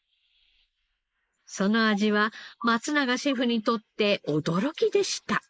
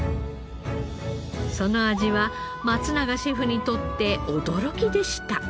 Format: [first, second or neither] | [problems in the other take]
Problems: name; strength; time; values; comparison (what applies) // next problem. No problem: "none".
second | noise reduction (neural mask model Resemble Enhance denoiser)